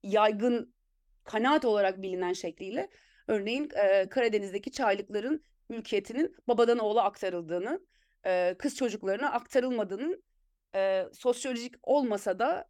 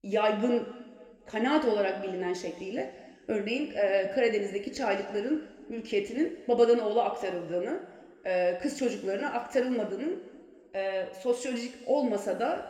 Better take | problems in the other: first | room echo; slight; dies away in 1.7 s

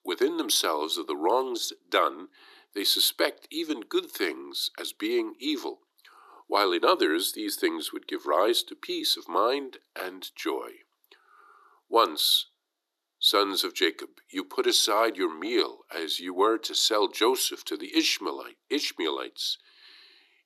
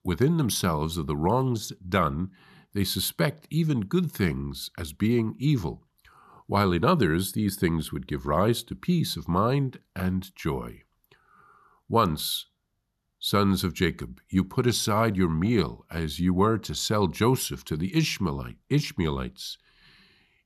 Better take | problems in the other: second | thin; very; fading below 300 Hz

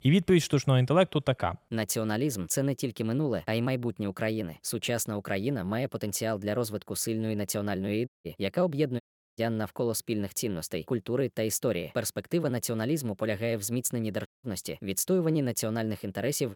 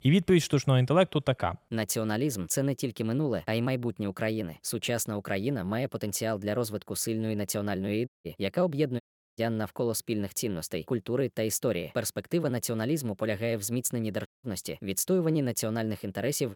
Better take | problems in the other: neither | audio cutting out; at 8 s, at 9 s and at 14 s; the same in both

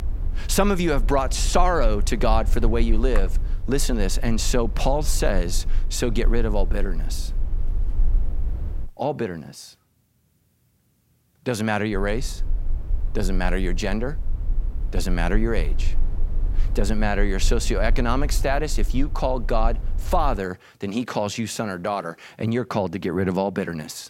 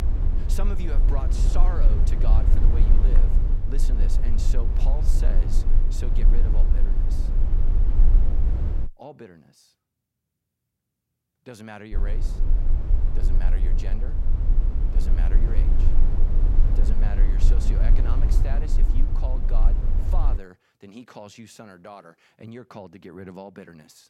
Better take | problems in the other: first | low rumble; loud; until 9 s and from 12 to 20 s; 1 dB below the speech; faint in the first

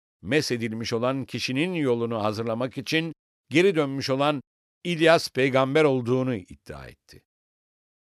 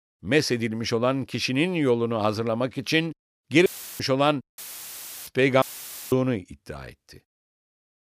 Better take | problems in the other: first | audio cutting out; filled with static; at 3.5 s, at 4.5 s for 0.5 s and at 5.5 s for 0.5 s

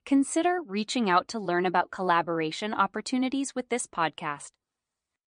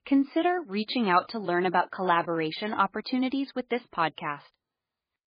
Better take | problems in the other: first | garbled, watery; badly; nothing above 5 kHz; slightly in the first

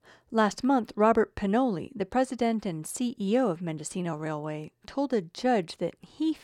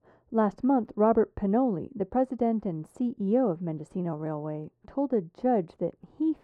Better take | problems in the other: first | muffled; very; fading above 1.5 kHz

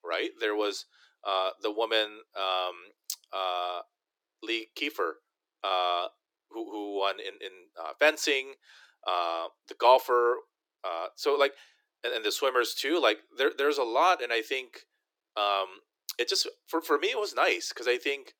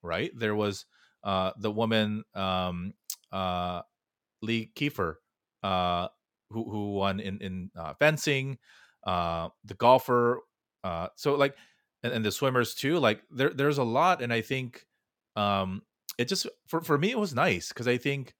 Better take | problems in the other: second | thin; very; fading below 300 Hz

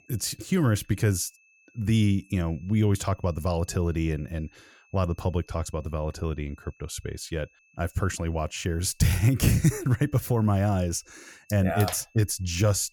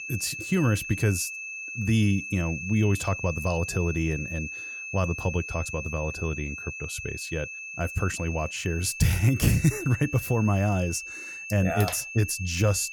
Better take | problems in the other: first | high-pitched whine; loud; throughout; 2.5 kHz, 8 dB below the speech; faint in the first

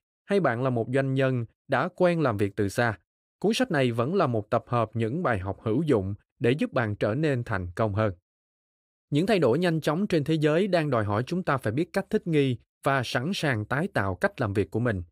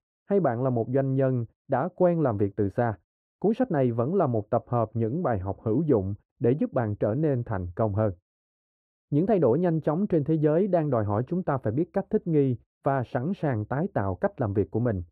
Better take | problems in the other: first | muffled; very; fading above 2 kHz

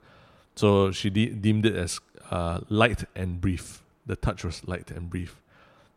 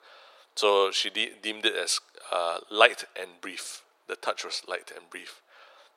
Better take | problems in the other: first | thin; very; fading below 500 Hz

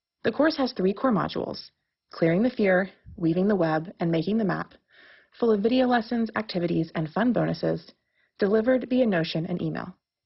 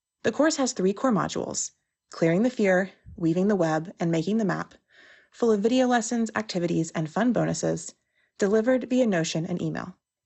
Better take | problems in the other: second | garbled, watery; badly; nothing above 5.5 kHz; slightly in the second

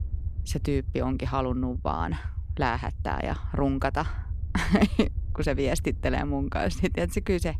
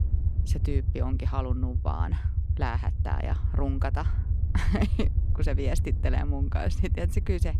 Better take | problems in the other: first | low rumble; loud; throughout; 9 dB below the speech; faint in the first

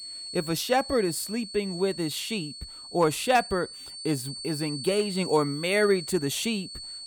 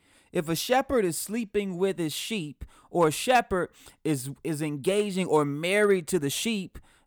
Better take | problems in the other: second | high-pitched whine; loud; throughout; 4.5 kHz, 10 dB below the speech

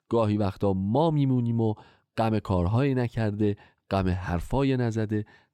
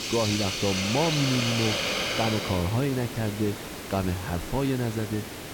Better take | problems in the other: first | hiss; loud; throughout; 1 dB below the speech

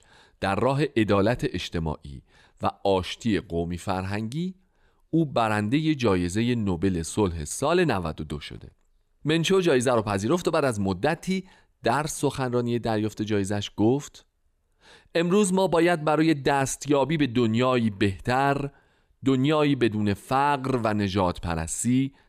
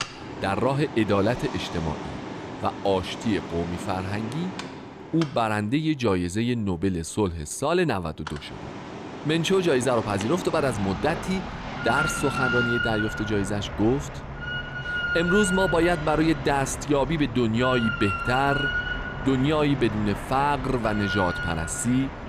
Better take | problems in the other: first | machinery noise; loud; throughout; 6 dB below the speech

